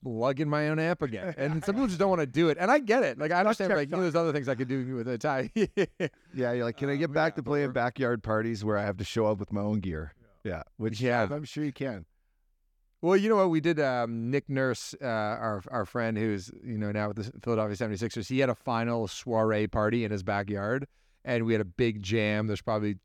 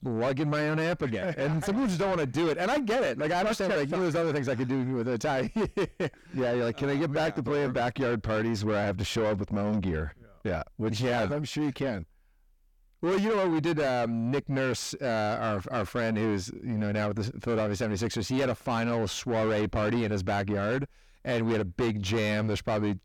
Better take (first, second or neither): first